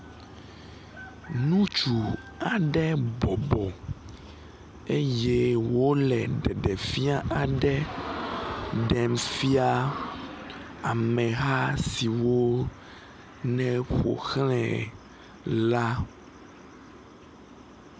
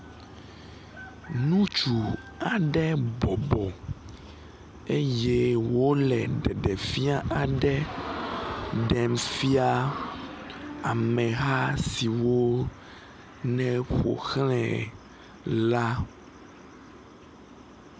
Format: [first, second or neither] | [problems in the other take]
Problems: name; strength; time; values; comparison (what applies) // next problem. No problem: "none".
first | background sound (Electric guitar / Strum); 17 dB below the speech